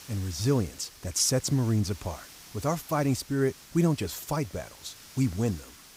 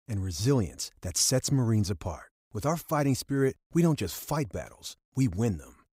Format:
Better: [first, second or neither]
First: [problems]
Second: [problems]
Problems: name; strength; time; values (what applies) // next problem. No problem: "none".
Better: second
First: hiss; noticeable; throughout; 20 dB below the speech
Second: none